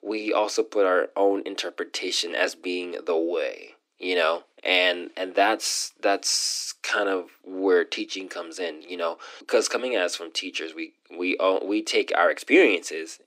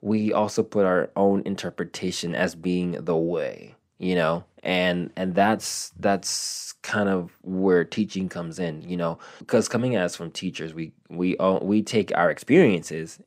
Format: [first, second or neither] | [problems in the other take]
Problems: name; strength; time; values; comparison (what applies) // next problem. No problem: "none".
second | thin; somewhat; fading below 300 Hz